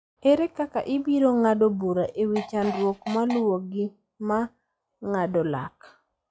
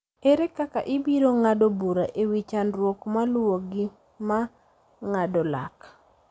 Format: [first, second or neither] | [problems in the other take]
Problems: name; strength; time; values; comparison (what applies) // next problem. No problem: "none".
second | noise reduction (classical method log-MMSE)